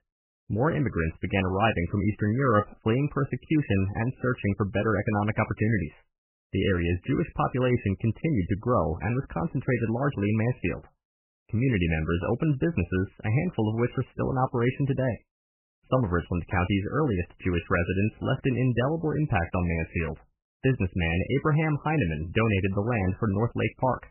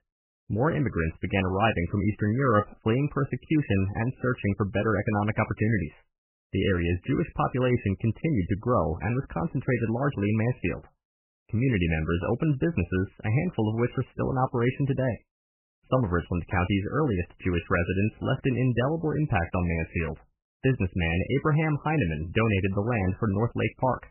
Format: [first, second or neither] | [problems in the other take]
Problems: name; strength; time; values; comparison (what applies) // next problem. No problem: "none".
neither | garbled, watery; badly; nothing above 3 kHz; the same in both